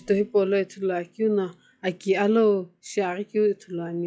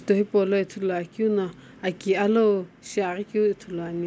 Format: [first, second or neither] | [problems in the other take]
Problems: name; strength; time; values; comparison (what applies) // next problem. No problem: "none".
second | noise reduction (classical method log-MMSE)